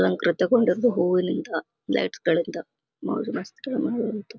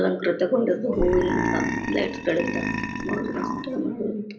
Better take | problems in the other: first | background sound (Burping, eructation); 3 dB below the speech // room echo; dies away in 0.5 s

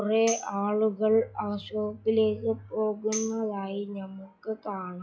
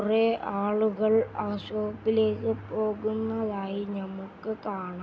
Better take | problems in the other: second | noise reduction (classical method log-MMSE)

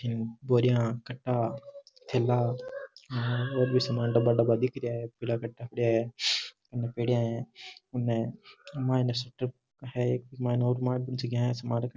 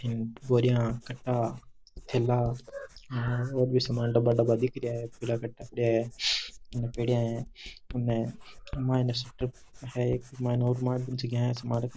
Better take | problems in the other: first | noise reduction (neural mask model Resemble Enhance denoiser)

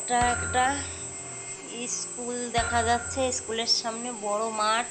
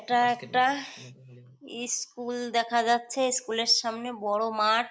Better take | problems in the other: second | background sound (Thump, thud + Drill); 5 dB below the speech

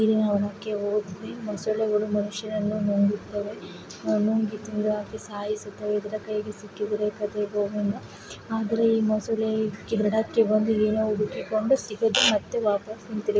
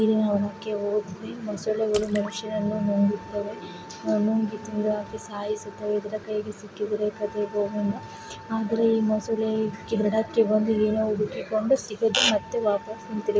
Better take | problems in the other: first | background sound (Drip / Splash, splatter + Wind instrument, woodwind instrument); 20 dB below the speech

